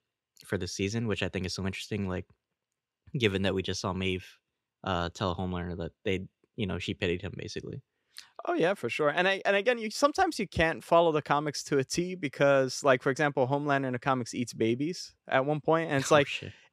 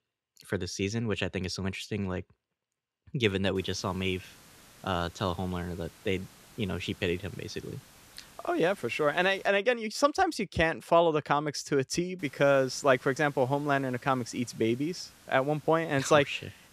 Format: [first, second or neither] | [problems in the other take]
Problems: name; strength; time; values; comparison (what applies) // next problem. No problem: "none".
first | hiss; faint; from 3.5 to 9.5 s and from 12 s on; 25 dB below the speech